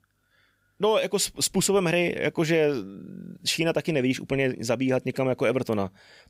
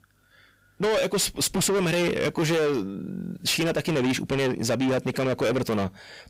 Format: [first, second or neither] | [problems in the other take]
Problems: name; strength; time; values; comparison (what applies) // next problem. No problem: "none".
first | distortion; heavy; 7 dB below the speech